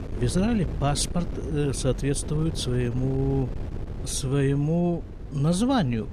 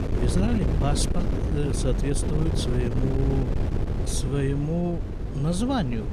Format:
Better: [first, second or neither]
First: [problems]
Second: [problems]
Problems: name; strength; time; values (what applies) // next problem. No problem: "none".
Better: first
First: wind noise on the microphone; occasional gusts; 15 dB below the speech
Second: wind noise on the microphone; heavy; 4 dB below the speech